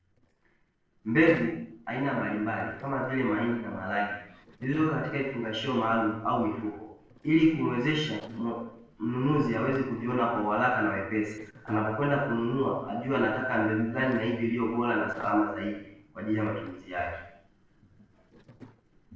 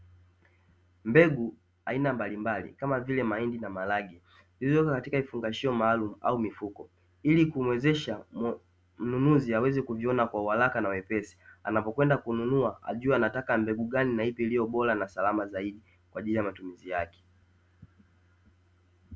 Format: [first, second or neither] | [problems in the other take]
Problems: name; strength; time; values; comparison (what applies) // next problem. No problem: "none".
second | noise reduction (neural separator model SepFormer DNS4)